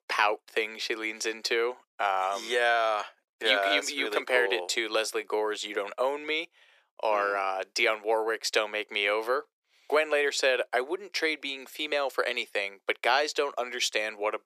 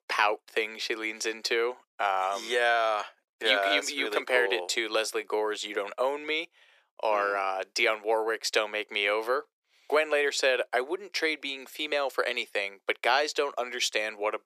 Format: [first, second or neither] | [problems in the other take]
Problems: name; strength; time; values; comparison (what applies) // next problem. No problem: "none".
neither | thin; very; fading below 400 Hz; the same in both